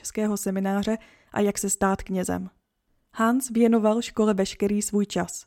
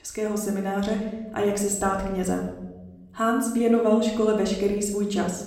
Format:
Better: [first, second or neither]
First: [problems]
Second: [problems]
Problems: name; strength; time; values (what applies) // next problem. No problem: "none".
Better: first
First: none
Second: room echo; noticeable; dies away in 1 s // off-mic speech; somewhat distant